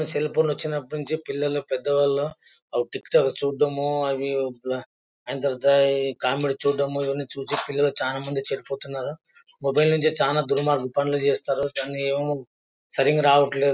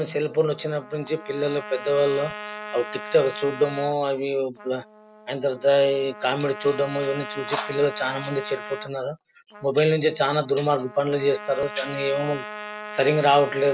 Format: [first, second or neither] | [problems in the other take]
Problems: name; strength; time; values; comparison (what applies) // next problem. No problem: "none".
first | background sound (Trumpet); 14 dB below the speech